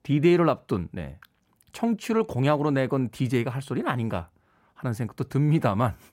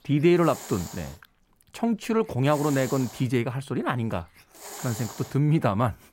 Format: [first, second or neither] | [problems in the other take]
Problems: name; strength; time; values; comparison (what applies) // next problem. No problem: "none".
first | hiss; noticeable; throughout; 15 dB below the speech